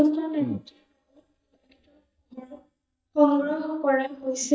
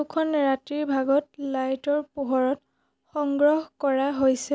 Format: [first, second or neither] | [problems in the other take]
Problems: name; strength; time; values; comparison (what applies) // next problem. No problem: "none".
second | noise reduction (neural mask model DeepFilterNet 3)